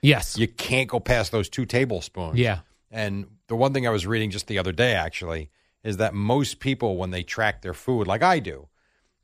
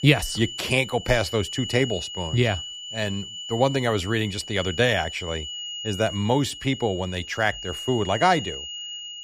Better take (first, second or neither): first